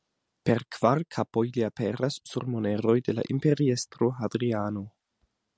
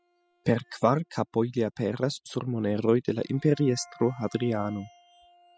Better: first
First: none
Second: noise reduction (classical method spectral subtraction)

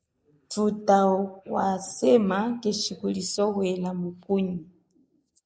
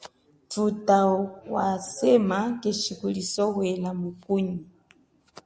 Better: second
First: noise reduction (neural mask model Resemble Enhance denoiser)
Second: none

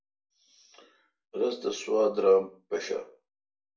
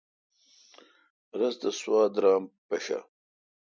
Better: second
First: room echo; dies away in 0.3 s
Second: none

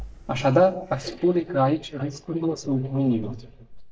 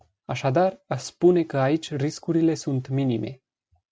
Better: second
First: noise reduction (neural mask model DeepFilterNet 3)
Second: none

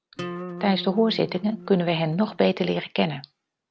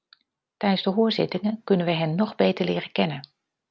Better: second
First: background sound (Acoustic guitar); 13 dB below the speech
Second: none

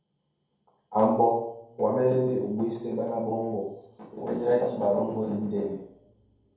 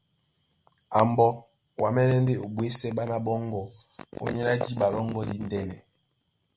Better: second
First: room echo; dies away in 0.7 s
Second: none

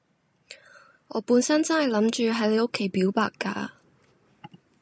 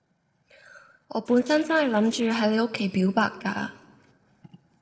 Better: first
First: none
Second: noise reduction (neural separator model SepFormer DNS4)

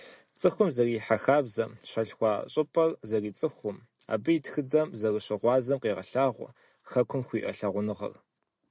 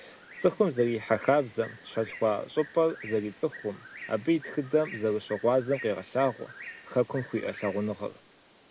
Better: first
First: none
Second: background sound (Bird); 17 dB below the speech

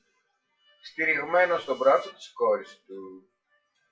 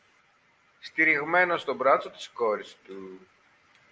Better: second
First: noise reduction (classical method WPE with log-MMSE)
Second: none

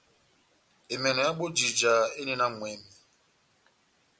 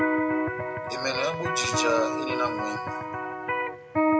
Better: first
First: none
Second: background sound (Electric guitar); 5 dB above the speech // room echo; dies away in 1.2 s

